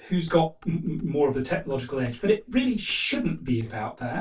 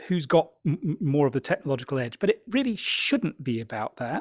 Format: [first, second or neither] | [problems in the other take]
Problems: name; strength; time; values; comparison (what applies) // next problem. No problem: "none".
second | noise reduction (neural separator model SepFormer DNS4)